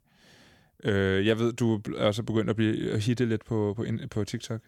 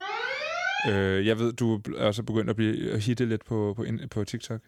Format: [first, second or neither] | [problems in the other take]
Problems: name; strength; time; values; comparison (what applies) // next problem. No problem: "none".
first | alarm; loud; until 1 s; peak level with the speech